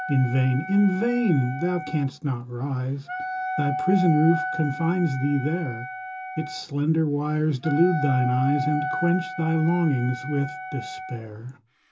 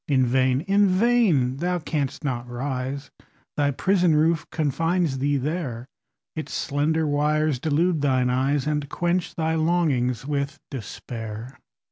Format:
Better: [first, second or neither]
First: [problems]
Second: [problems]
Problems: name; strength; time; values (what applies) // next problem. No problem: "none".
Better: second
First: background sound (Wind instrument, woodwind instrument); 8 dB below the speech // room echo; dies away in 0.2 s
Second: none